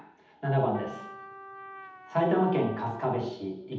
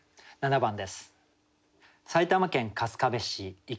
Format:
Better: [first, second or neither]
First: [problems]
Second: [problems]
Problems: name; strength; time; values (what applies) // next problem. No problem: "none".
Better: second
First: background sound (Trumpet); 17 dB below the speech // room echo; dies away in 0.8 s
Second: none